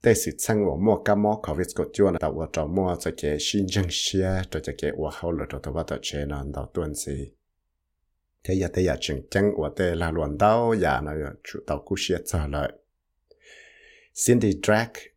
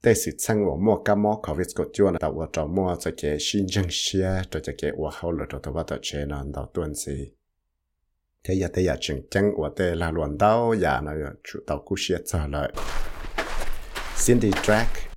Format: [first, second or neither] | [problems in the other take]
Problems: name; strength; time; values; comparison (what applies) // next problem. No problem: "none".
first | footsteps; noticeable; from 13 s on; peak 5 dB below the speech